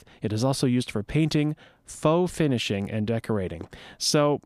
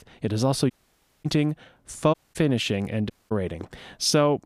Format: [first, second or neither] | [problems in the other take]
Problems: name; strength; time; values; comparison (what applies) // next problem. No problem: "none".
first | audio cutting out; at 0.5 s for 0.5 s, at 2 s and at 3 s